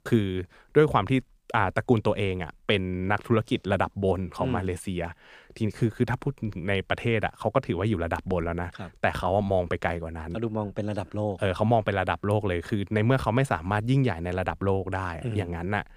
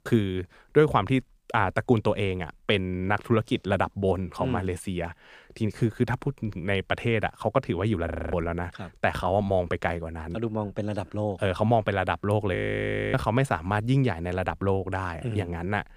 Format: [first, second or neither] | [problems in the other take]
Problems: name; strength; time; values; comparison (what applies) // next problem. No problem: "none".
first | audio freezing; at 8 s and at 13 s for 0.5 s